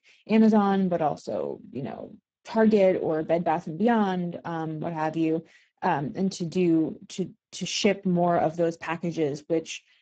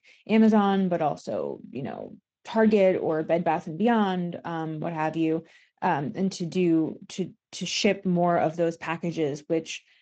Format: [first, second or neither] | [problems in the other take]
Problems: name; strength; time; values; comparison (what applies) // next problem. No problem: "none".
second | garbled, watery; badly; nothing above 7.5 kHz; slightly in the second